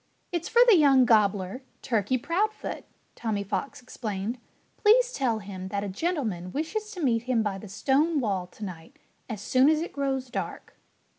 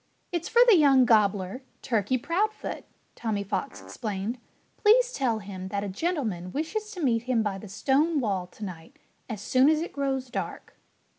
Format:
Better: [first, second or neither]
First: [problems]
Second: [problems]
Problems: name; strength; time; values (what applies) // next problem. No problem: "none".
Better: first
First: none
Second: background sound (Fart); 17 dB below the speech